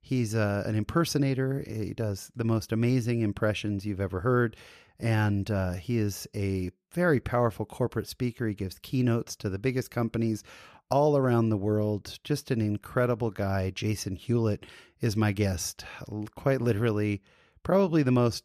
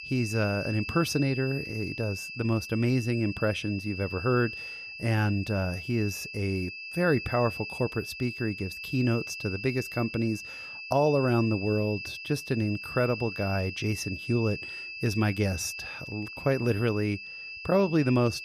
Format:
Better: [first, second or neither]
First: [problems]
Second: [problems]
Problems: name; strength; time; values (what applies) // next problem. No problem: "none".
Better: first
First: none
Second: high-pitched whine; loud; throughout; 2.5 kHz, 8 dB below the speech